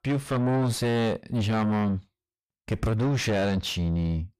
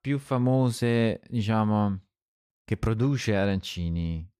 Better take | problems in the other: second | distortion; heavy; 4 dB below the speech

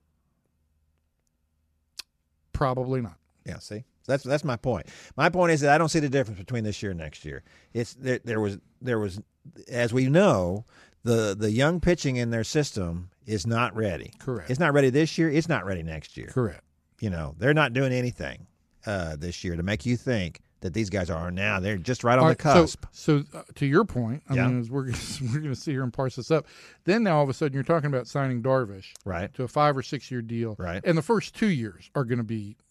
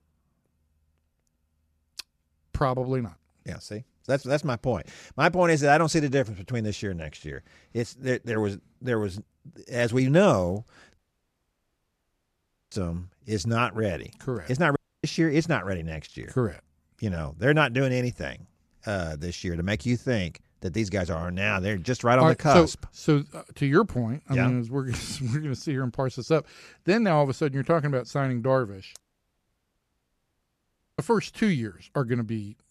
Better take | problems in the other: first | audio cutting out; at 11 s for 1.5 s, at 15 s and at 29 s for 2 s

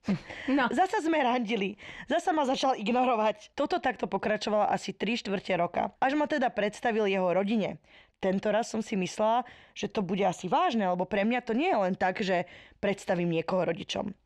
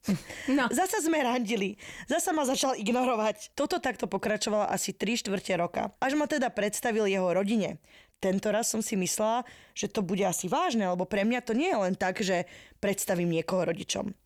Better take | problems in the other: second | muffled; slightly; fading above 3.5 kHz

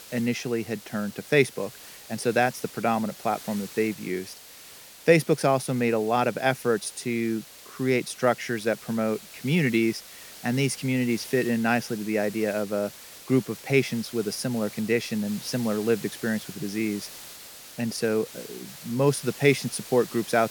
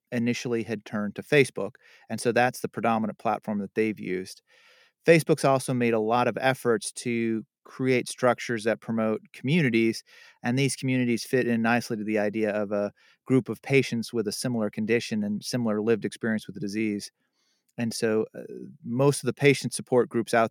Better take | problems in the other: second | hiss; noticeable; throughout; 15 dB below the speech

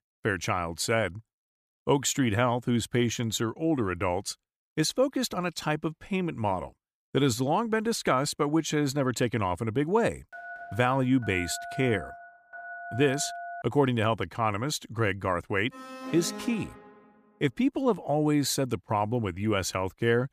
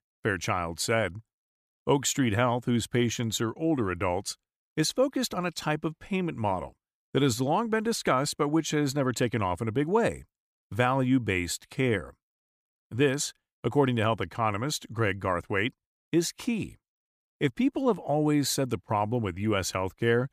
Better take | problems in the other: second | phone ringing; faint; from 10 to 14 s; peak 10 dB below the speech // alarm; noticeable; from 16 to 17 s; peak 10 dB below the speech

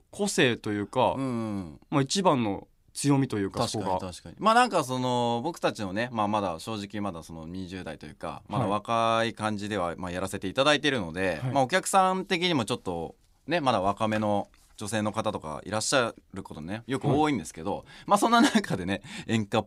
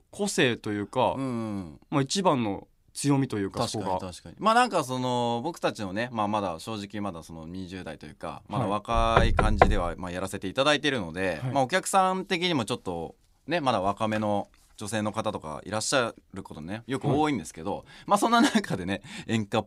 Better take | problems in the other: first | door banging; loud; at 9 s; peak 5 dB above the speech

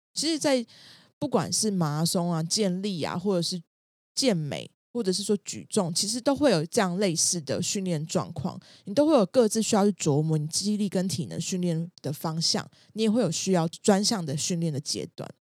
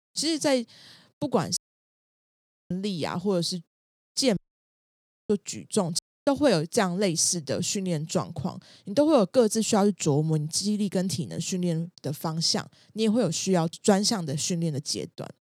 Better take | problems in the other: first | audio cutting out; at 1.5 s for 1 s, at 4.5 s for 1 s and at 6 s

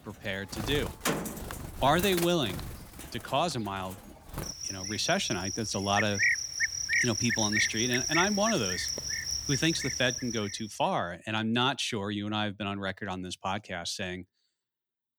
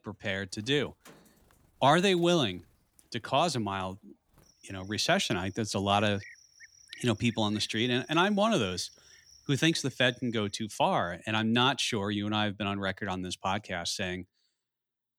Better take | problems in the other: second | animal sounds; loud; until 10 s; as loud as the speech; faint in the second

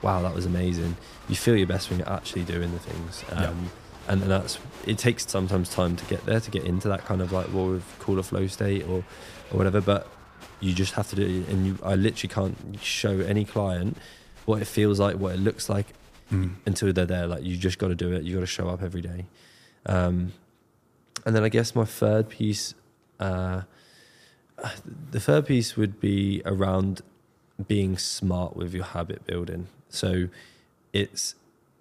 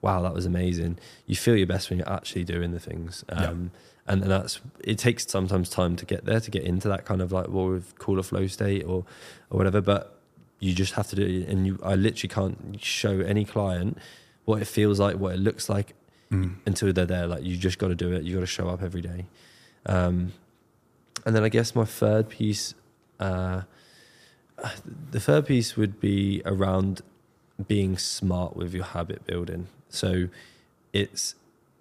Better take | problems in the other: second | crowd noise; noticeable; until 17 s; 20 dB below the speech

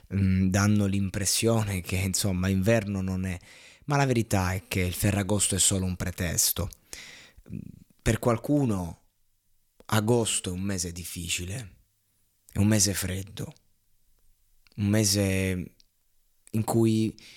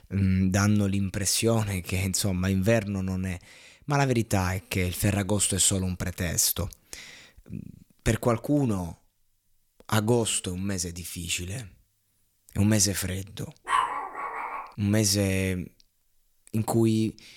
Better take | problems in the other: first | dog barking; noticeable; at 14 s; peak level with the speech

